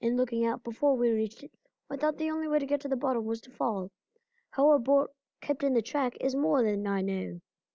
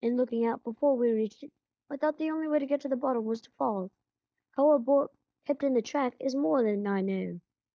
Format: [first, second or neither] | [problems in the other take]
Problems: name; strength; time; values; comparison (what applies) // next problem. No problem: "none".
first | noise reduction (neural mask model DeepFilterNet 3)